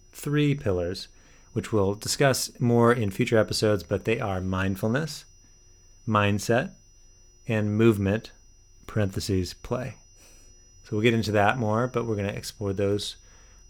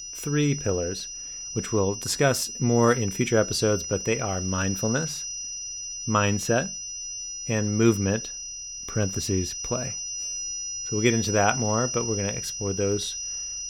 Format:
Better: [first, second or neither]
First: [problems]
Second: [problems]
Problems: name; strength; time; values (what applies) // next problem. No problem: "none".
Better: first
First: high-pitched whine; faint; throughout; 6 kHz, 30 dB below the speech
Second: high-pitched whine; loud; throughout; 6 kHz, 5 dB below the speech